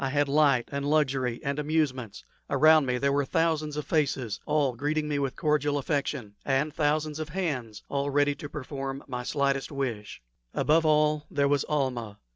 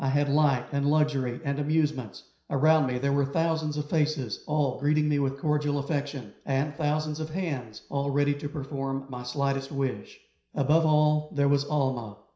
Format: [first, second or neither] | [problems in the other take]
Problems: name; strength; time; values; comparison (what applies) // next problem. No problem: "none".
first | room echo; dies away in 0.5 s